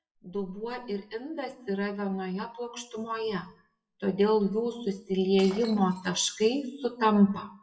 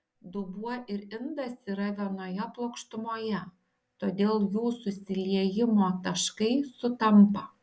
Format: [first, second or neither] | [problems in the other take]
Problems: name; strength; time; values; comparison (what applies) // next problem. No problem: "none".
second | noise reduction (classical method WPE with log-MMSE)